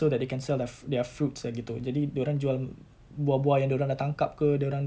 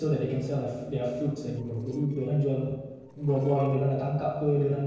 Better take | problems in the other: first | noise reduction (neural separator model SepFormer DNS4)

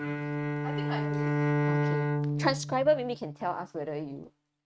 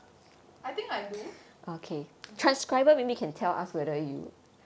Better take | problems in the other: second | noise reduction (neural mask model RNNoise)

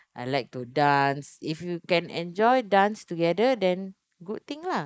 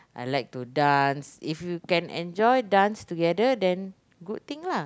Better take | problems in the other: second | noise reduction (neural mask model Resemble Enhance denoiser)

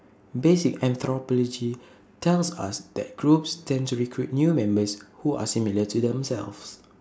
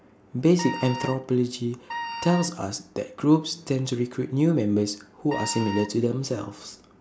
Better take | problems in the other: first | background sound (Wind instrument, woodwind instrument); 11 dB below the speech

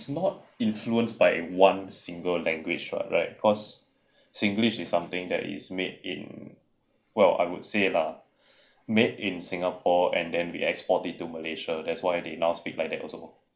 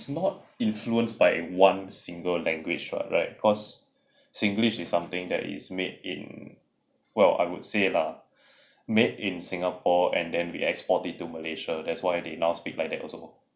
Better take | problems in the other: second | noise reduction (neural mask model Resemble Enhance denoiser)

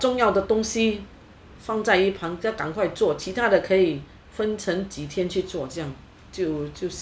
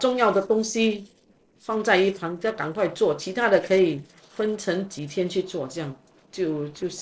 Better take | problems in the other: first | noise reduction (neural separator model SepFormer DNS4)

